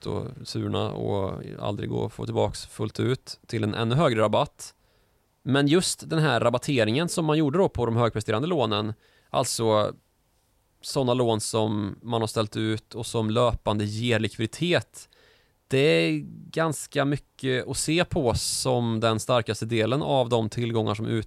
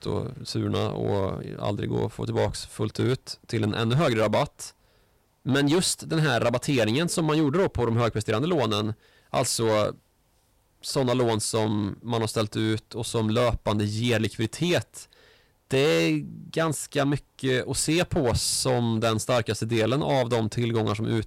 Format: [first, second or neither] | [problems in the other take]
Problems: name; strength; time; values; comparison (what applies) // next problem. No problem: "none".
first | distortion; slight; 8% of the sound clipped